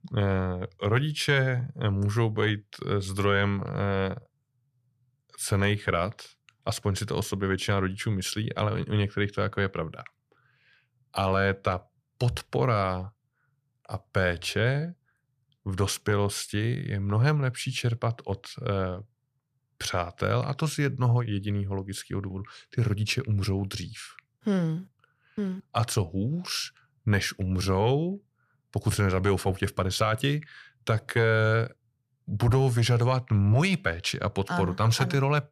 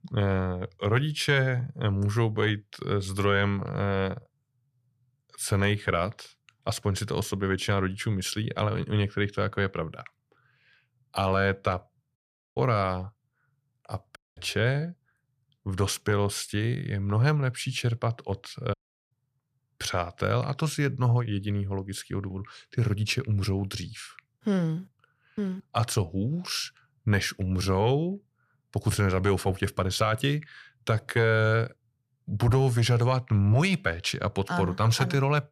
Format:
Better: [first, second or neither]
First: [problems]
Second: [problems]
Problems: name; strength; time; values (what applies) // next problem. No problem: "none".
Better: first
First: none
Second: audio cutting out; at 12 s, at 14 s and at 19 s